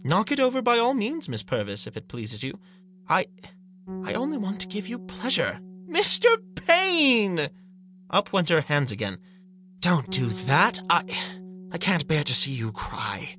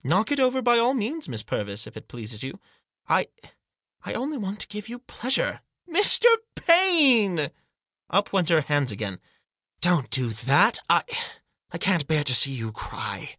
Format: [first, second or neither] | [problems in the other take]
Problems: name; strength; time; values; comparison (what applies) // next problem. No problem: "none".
second | background sound (Bass guitar); 16 dB below the speech